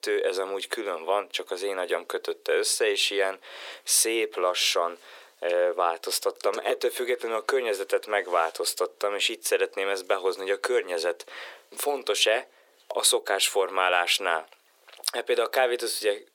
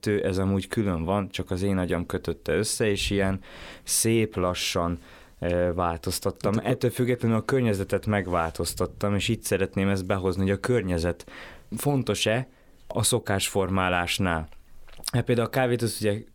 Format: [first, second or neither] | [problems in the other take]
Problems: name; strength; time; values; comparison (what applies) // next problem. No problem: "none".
second | thin; very; fading below 400 Hz